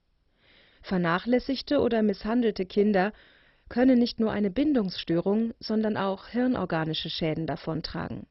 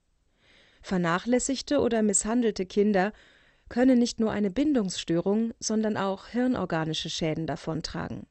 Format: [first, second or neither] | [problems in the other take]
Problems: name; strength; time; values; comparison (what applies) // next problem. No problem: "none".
second | garbled, watery; badly; nothing above 5.5 kHz; slightly in the second